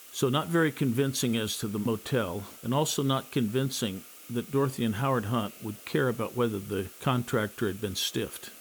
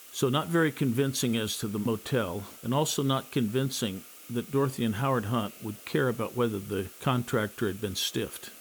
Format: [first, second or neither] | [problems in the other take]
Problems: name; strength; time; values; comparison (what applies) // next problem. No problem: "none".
neither | hiss; noticeable; throughout; 15 dB below the speech; the same in both